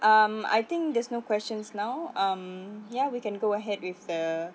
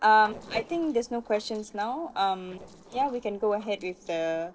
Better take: first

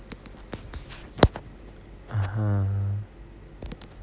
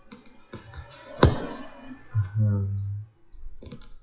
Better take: first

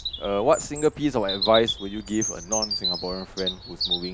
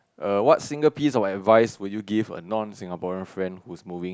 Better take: second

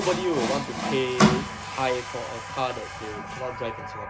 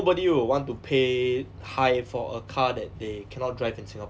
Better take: second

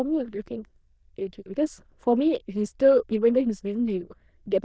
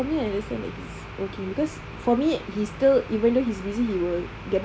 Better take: second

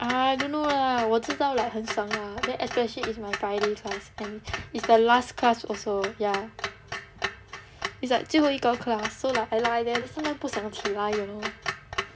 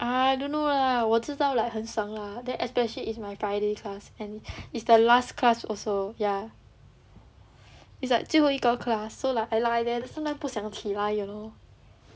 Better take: second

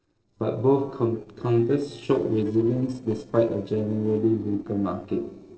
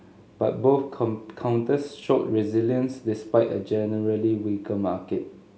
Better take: second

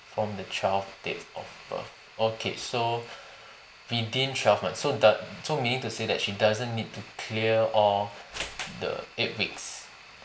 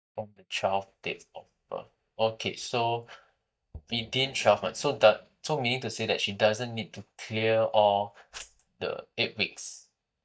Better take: first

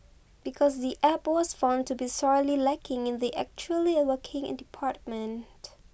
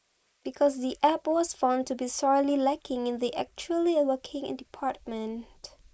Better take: first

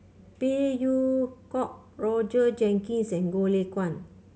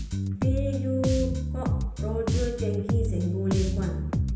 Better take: first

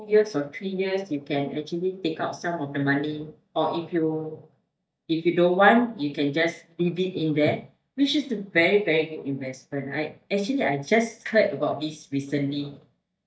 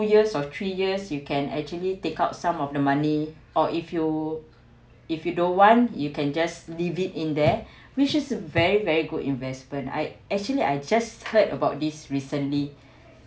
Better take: second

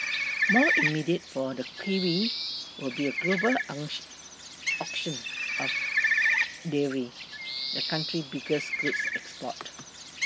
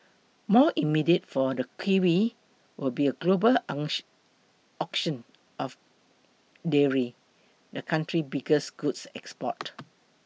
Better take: second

